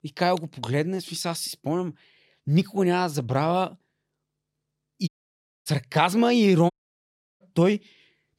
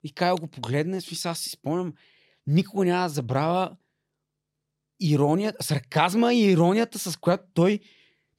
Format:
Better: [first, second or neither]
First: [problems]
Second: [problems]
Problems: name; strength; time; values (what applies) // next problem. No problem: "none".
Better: second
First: audio cutting out; at 5 s for 0.5 s and at 6.5 s for 0.5 s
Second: none